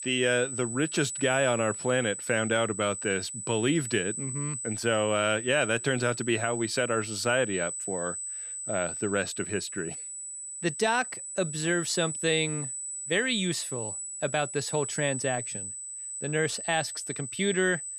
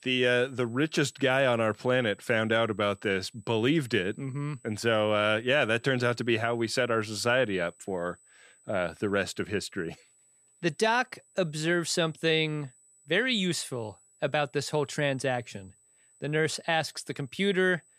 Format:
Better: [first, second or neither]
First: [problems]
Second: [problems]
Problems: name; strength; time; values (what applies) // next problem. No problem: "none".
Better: second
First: high-pitched whine; loud; throughout; 8 kHz, 6 dB below the speech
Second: high-pitched whine; faint; throughout; 8 kHz, 30 dB below the speech